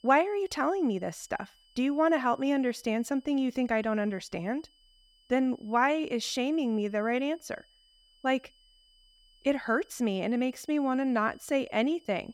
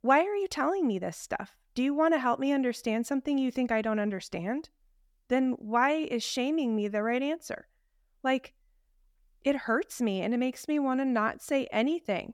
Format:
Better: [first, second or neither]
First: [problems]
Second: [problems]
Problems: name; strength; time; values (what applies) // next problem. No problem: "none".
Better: second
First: high-pitched whine; faint; throughout; 3 kHz, 30 dB below the speech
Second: none